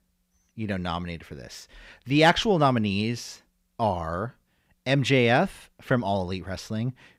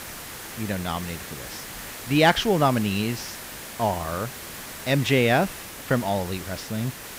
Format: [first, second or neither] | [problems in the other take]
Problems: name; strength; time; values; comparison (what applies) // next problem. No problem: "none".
first | hiss; noticeable; throughout; 10 dB below the speech